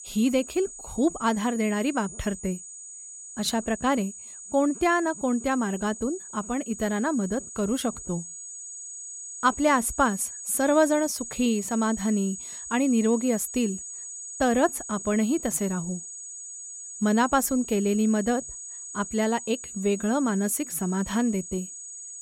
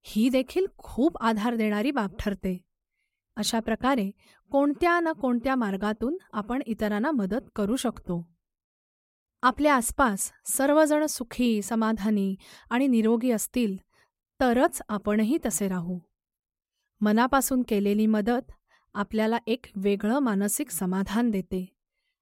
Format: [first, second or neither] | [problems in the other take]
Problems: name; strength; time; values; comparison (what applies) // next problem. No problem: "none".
second | high-pitched whine; noticeable; throughout; 6.5 kHz, 10 dB below the speech